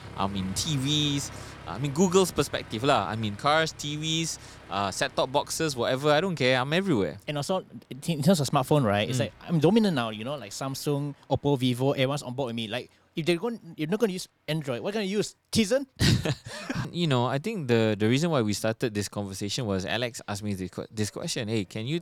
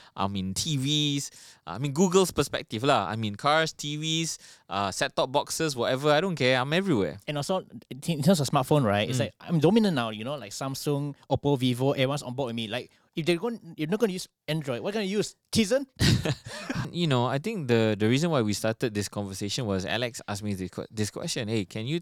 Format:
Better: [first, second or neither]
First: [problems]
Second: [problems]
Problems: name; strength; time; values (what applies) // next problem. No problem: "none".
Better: second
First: train or aircraft noise; faint; throughout; 20 dB below the speech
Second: none